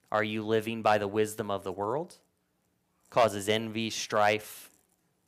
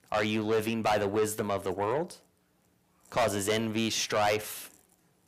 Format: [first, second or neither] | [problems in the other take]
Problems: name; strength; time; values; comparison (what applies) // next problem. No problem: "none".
first | distortion; heavy; 6 dB below the speech